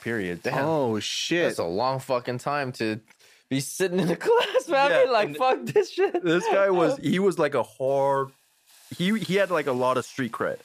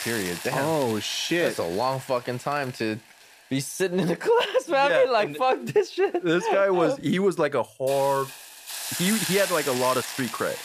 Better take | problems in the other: first | hiss; loud; throughout; 8 dB below the speech; faint in the first

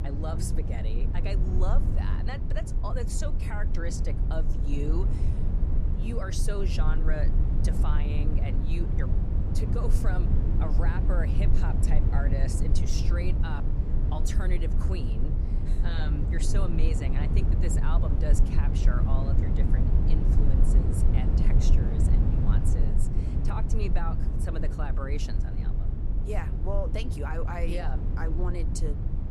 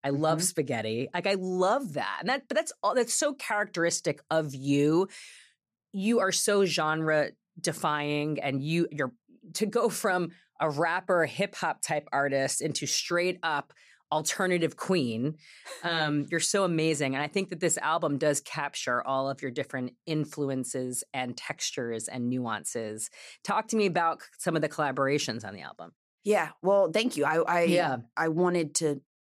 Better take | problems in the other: second | low rumble; loud; throughout; 2 dB below the speech

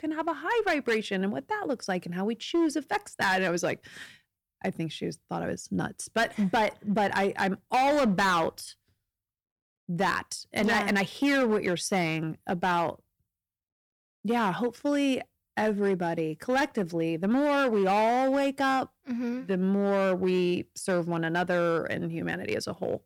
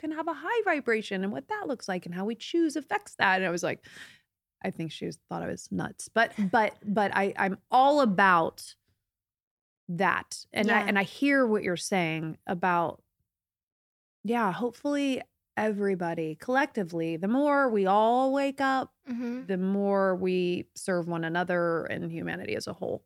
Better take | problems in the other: second | distortion; slight; 8% of the sound clipped

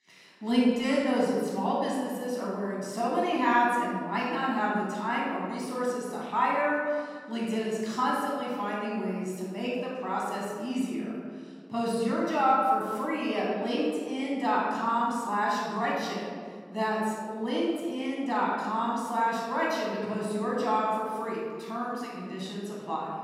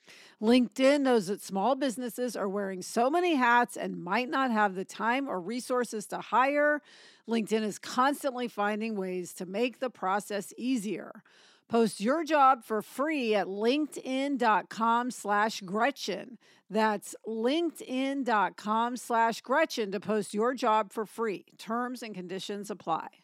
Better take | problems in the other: second | room echo; strong; dies away in 1.8 s // off-mic speech; far

